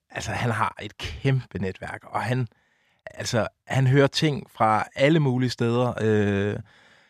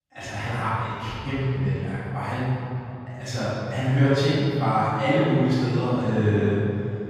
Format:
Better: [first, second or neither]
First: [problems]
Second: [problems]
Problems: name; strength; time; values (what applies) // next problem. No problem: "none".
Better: first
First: none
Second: off-mic speech; far // room echo; strong; dies away in 3 s